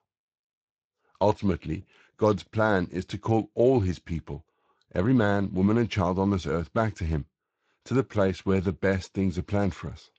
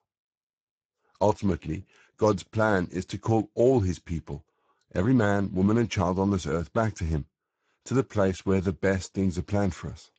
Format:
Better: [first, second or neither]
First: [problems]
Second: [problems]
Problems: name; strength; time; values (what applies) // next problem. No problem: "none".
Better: first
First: garbled, watery; slightly; nothing above 7.5 kHz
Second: garbled, watery; badly; nothing above 7.5 kHz